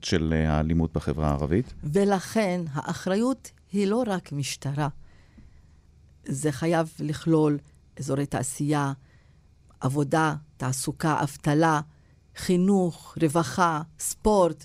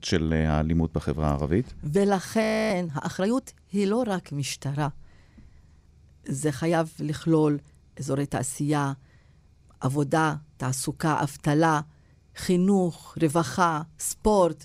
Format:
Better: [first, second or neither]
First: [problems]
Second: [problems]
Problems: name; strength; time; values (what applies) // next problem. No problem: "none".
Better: first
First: none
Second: audio freezing; at 2.5 s